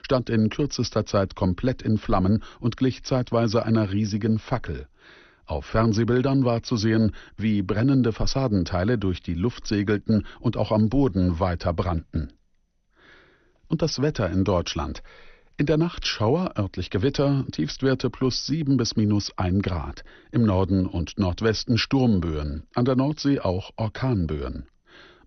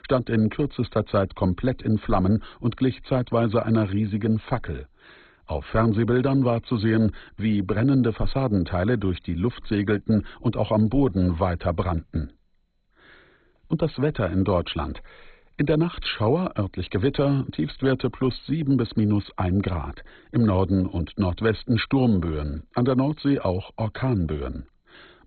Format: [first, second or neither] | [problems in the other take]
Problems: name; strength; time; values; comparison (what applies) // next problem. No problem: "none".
first | garbled, watery; badly; nothing above 4 kHz; slightly in the first